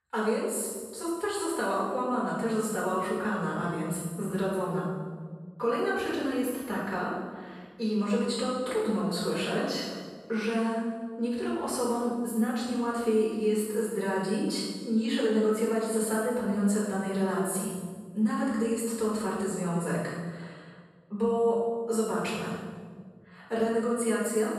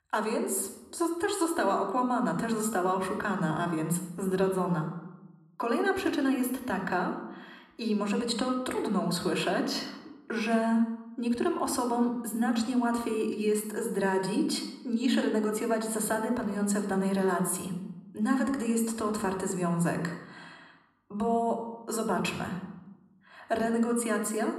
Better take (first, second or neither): second